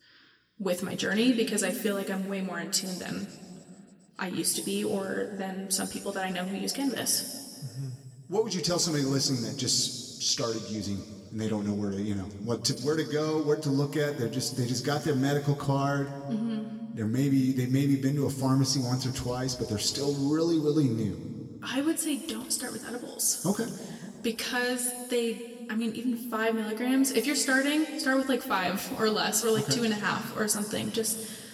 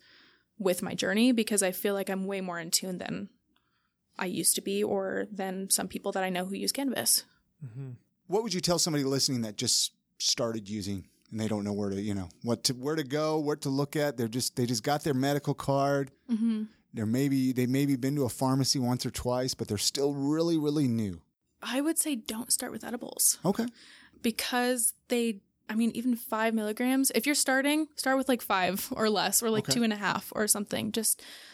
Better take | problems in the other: second | room echo; slight; dies away in 2 s // off-mic speech; somewhat distant

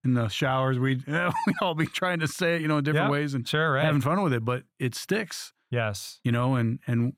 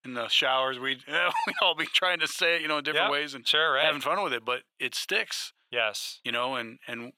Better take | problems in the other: first | thin; very; fading below 600 Hz

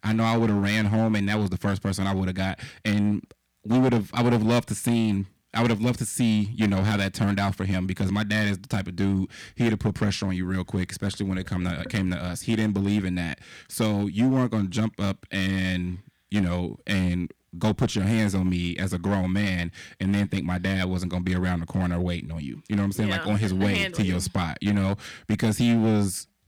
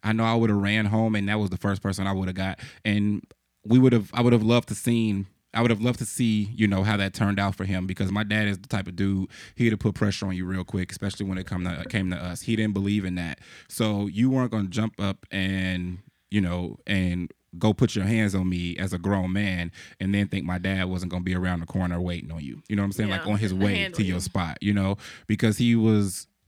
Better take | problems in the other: second | distortion; slight; 5% of the sound clipped

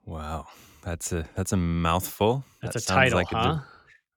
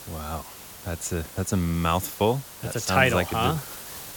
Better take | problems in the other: first | hiss; noticeable; throughout; 15 dB below the speech

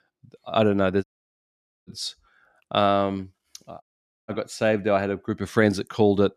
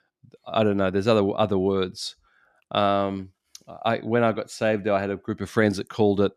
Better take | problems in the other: second | audio cutting out; at 1 s for 1 s and at 4 s

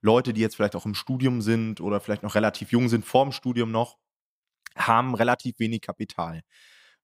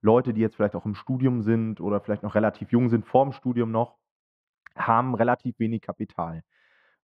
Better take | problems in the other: first | muffled; very; fading above 3.5 kHz

